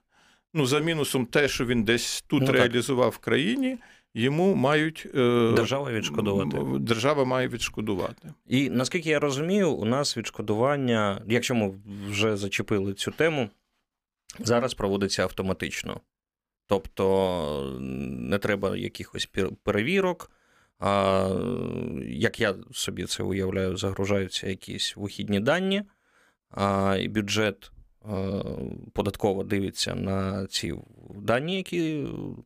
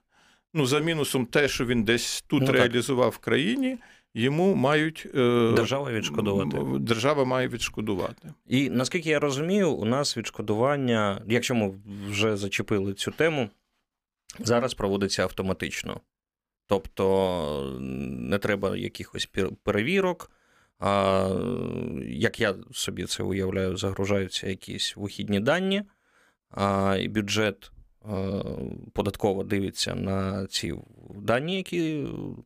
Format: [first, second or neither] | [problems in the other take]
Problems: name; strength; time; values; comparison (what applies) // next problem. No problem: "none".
neither | none